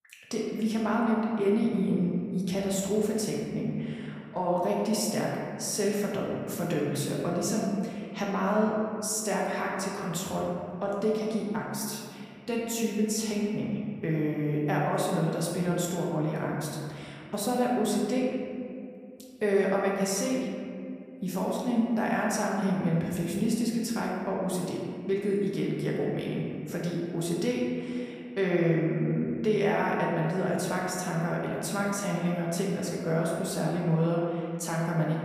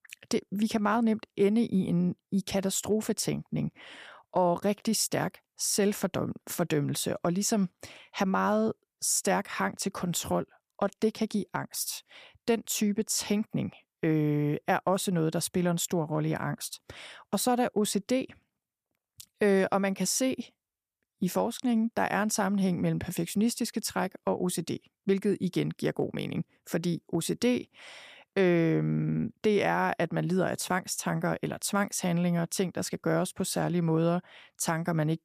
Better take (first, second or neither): second